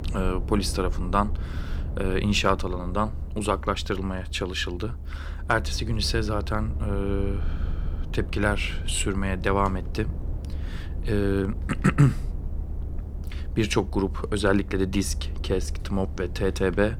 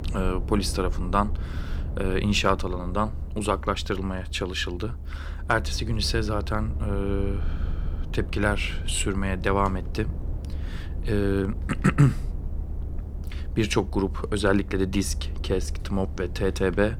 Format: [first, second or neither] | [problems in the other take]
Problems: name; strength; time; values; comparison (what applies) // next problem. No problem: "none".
neither | low rumble; noticeable; throughout; 20 dB below the speech; the same in both